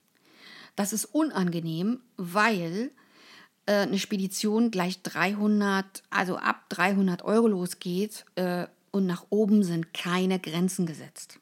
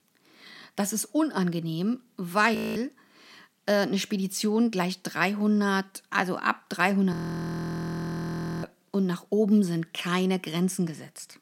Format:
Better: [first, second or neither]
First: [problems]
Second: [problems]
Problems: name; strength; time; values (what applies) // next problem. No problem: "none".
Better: first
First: none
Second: audio freezing; at 2.5 s and at 7 s for 1.5 s